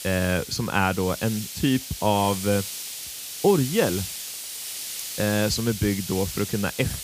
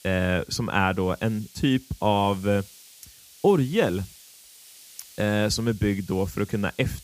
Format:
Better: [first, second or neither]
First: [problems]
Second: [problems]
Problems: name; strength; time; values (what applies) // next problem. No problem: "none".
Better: second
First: hiss; loud; throughout; 7 dB below the speech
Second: hiss; faint; throughout; 20 dB below the speech